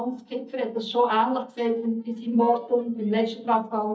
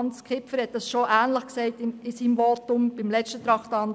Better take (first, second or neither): second